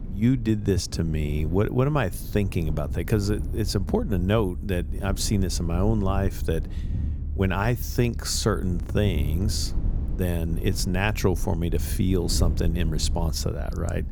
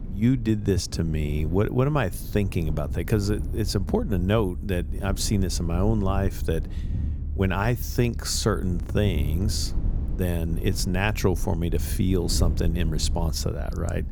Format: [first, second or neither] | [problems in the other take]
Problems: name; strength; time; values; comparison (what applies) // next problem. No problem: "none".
neither | low rumble; noticeable; throughout; 15 dB below the speech; the same in both